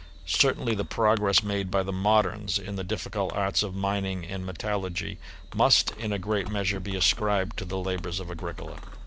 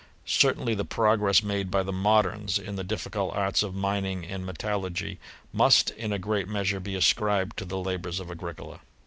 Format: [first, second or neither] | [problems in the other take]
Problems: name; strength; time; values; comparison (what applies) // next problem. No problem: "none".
second | background sound (Fireworks); 12 dB below the speech